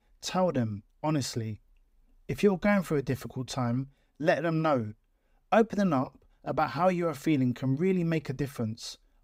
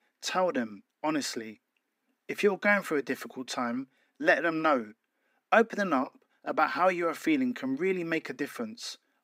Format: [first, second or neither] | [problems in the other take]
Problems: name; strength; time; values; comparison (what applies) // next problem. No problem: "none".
first | thin; very slightly; fading below 250 Hz